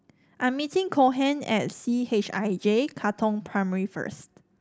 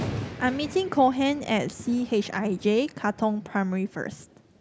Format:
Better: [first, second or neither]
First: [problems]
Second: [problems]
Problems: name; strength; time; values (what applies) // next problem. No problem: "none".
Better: first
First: none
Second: background sound (Thunder); 13 dB below the speech